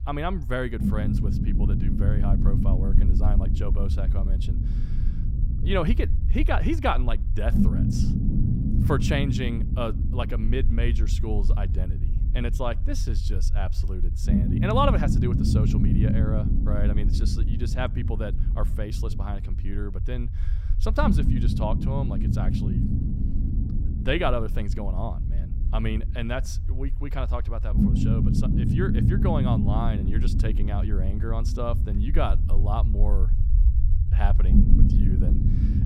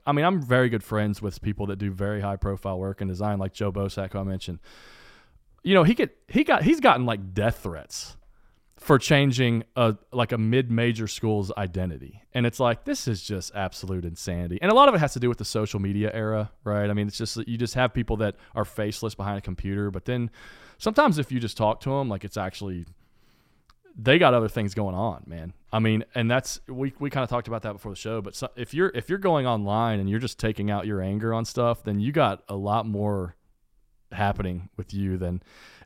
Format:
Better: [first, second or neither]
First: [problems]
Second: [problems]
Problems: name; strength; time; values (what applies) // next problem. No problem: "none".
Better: second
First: low rumble; loud; throughout; 5 dB below the speech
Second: none